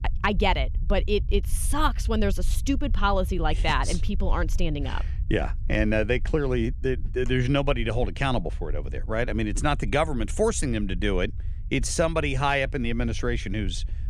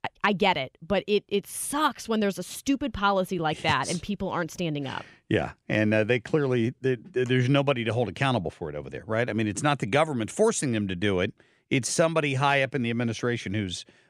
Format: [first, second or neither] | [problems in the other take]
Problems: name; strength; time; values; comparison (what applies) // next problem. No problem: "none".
second | low rumble; faint; throughout; 25 dB below the speech